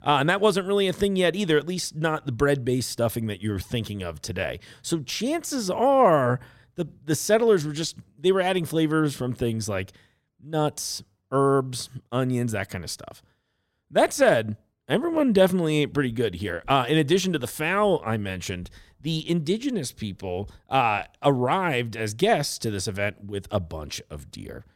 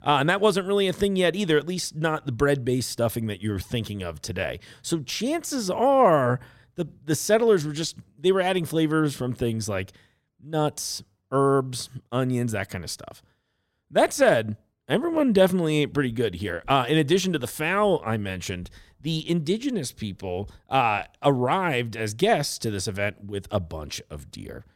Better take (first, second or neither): neither